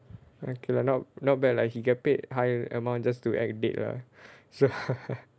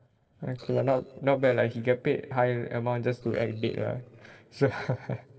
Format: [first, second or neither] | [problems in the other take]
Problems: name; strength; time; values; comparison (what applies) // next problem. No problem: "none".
first | noise reduction (neural separator model SepFormer DNS4)